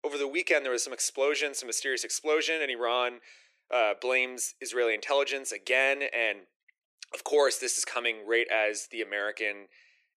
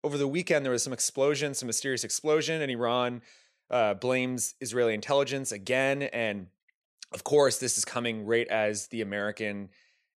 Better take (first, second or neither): second